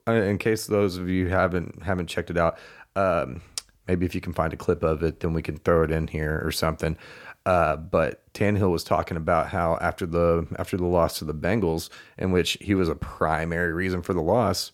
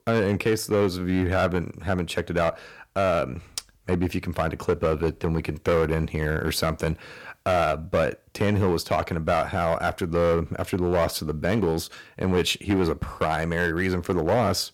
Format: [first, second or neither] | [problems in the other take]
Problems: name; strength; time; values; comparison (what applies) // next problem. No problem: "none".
first | distortion; slight; 6% of the sound clipped